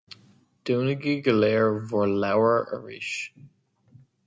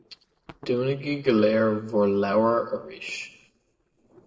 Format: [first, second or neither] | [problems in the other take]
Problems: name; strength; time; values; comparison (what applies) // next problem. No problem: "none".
first | noise reduction (neural separator model SepFormer DNS4)